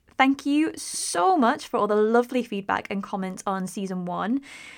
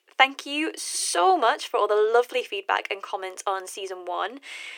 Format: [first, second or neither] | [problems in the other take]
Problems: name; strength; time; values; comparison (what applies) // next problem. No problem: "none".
first | thin; very; fading below 350 Hz